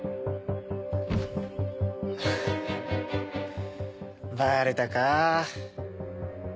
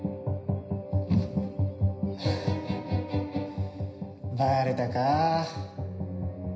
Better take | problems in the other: first | room echo; dies away in 0.9 s

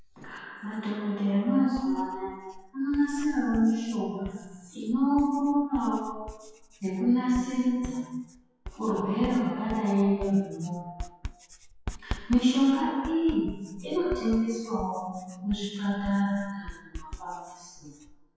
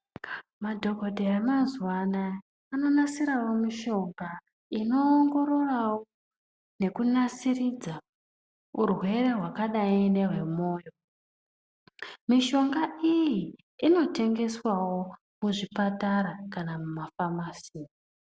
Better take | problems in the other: second | noise reduction (classical method WPE with log-MMSE)

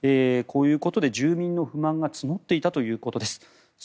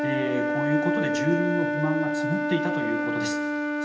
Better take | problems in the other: first | background sound (Wind instrument, woodwind instrument); 3 dB above the speech // room echo; dies away in 1.2 s

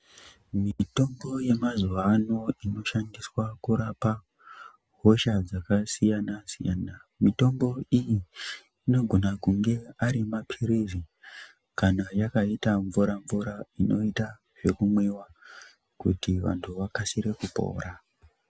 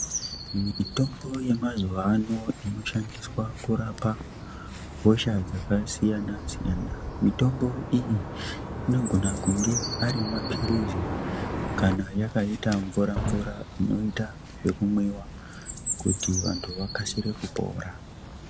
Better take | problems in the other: first | background sound (Chirp, tweet); 6 dB below the speech

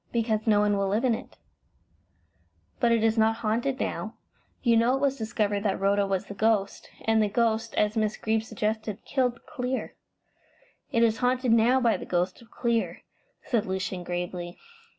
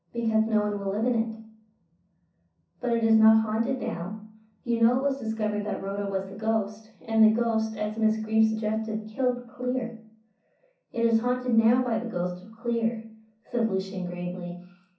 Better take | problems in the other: first | room echo; dies away in 0.6 s

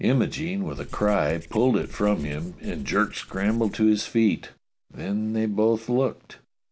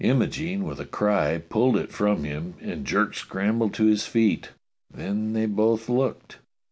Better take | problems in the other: second | background sound (Writing); 14 dB below the speech

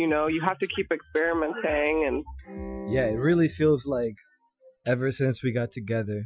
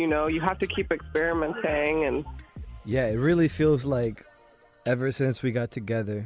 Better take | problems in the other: second | noise reduction (classical method Wiener filter)

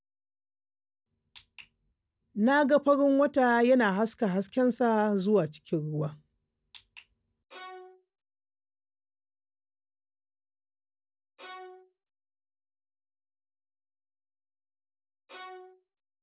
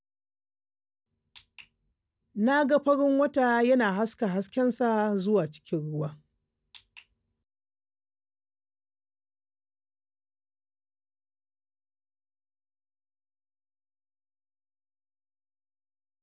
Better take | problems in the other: second | background sound (Bowed string instrument); 17 dB below the speech

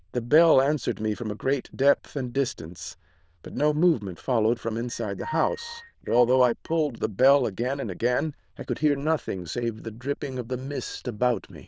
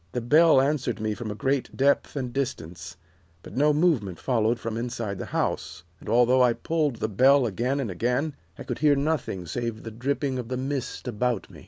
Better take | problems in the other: second | noise reduction (neural diffusion model UNIVERSE++)

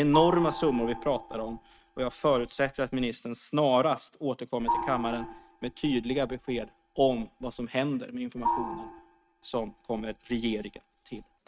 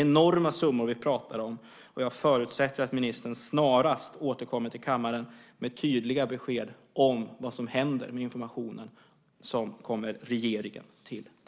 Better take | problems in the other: second | noise reduction (neural mask model RNNoise)

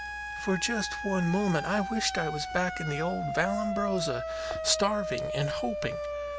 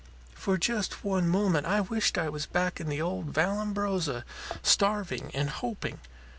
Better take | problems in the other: second | background sound (Siren); 4 dB below the speech

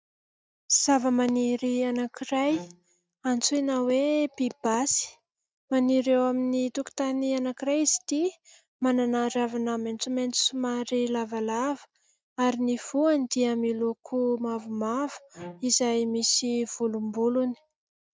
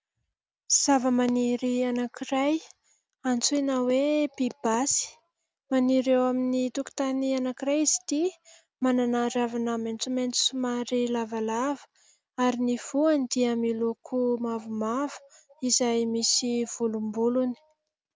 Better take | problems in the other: second | noise reduction (neural mask model DeepFilterNet 3)

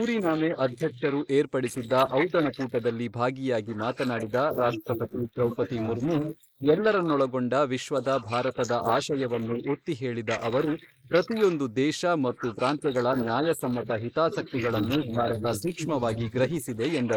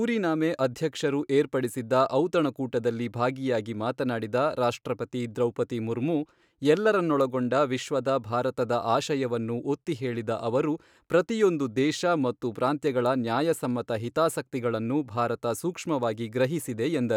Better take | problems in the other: second | noise reduction (neural mask model Resemble Enhance denoiser)

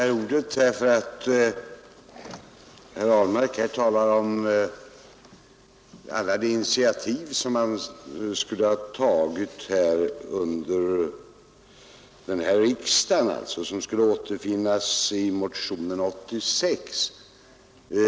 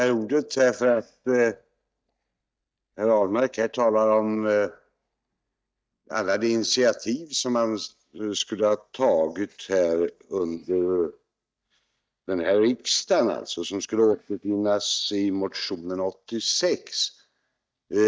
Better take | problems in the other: first | noise reduction (neural mask model DeepFilterNet 3)

